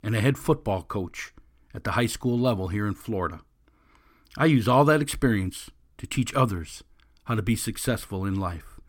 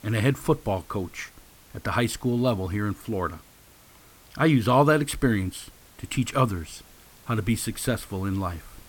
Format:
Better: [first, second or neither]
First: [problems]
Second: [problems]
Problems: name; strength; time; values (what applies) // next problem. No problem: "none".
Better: first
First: none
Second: hiss; faint; throughout; 25 dB below the speech